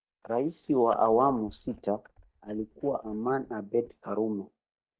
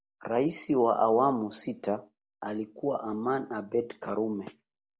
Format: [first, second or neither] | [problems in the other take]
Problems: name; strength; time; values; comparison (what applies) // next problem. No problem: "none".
second | noise reduction (neural mask model DeepFilterNet 3)